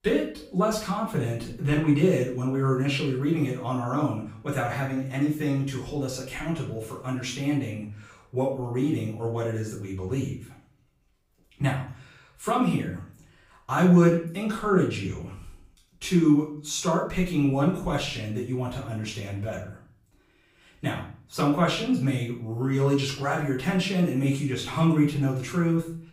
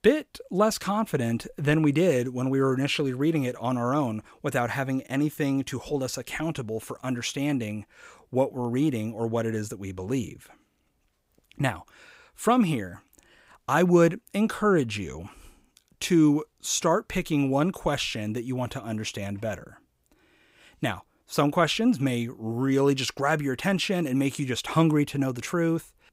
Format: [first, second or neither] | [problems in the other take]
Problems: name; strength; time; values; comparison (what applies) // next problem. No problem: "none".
second | off-mic speech; far // room echo; noticeable; dies away in 0.4 s